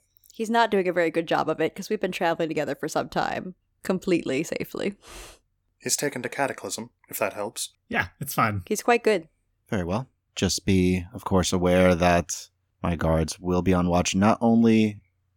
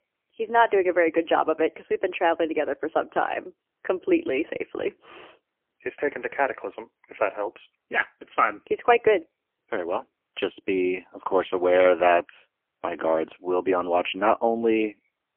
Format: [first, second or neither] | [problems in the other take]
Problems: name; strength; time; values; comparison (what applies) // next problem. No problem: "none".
first | phone-call audio; poor line; nothing above 3 kHz